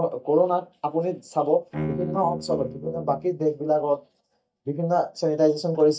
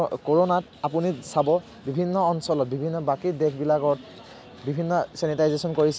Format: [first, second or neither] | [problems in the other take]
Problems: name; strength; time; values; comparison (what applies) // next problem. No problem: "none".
second | noise reduction (neural mask model DeepFilterNet 3)